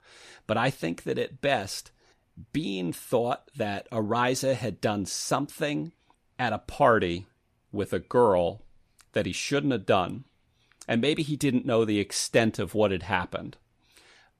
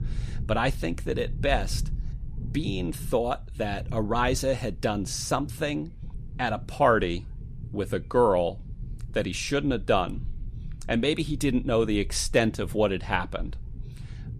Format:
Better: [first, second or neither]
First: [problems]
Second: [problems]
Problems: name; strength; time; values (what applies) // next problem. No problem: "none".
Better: first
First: none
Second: low rumble; faint; throughout; 25 dB below the speech